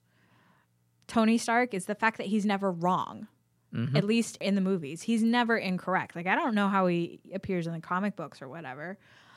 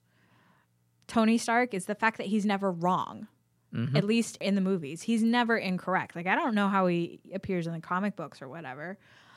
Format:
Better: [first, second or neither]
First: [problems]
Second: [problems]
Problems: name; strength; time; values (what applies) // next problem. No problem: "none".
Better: neither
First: none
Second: none